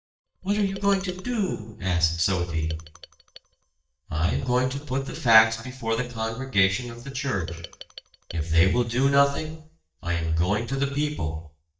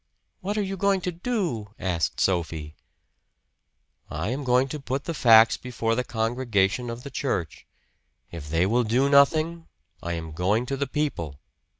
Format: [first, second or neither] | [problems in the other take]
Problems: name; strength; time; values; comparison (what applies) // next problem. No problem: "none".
second | noise reduction (neural mask model DeepFilterNet 3)